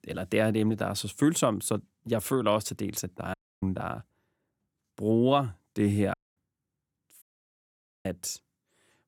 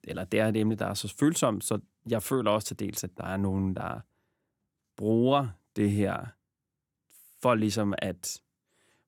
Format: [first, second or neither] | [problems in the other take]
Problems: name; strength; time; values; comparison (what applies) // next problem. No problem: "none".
second | audio cutting out; at 3.5 s, at 6 s and at 7 s for 1 s